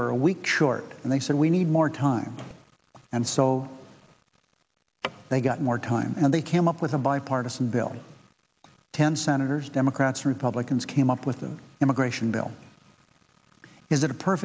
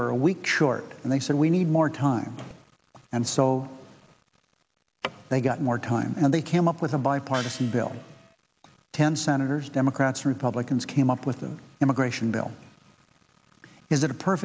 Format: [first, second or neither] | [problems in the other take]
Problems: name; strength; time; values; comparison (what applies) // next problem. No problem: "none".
first | background sound (Gong); 15 dB below the speech